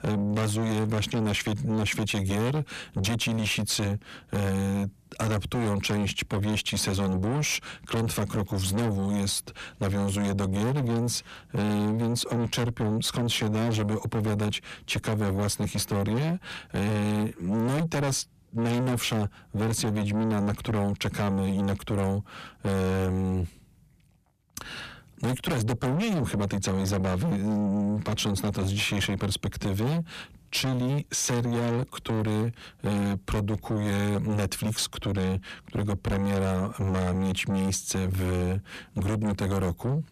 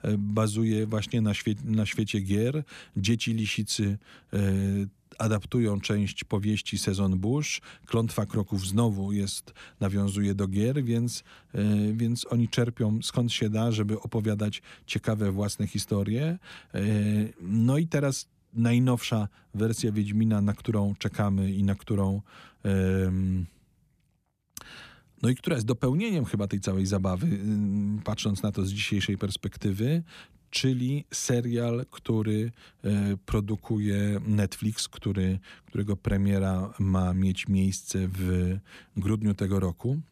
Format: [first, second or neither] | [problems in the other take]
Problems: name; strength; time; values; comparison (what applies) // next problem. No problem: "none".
second | distortion; heavy; 6 dB below the speech